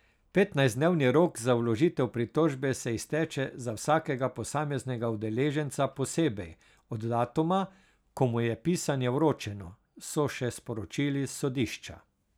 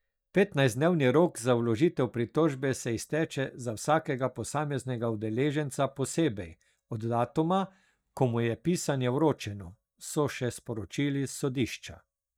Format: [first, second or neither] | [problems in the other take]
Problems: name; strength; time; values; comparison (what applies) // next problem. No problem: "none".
first | noise reduction (neural mask model DeepFilterNet 3)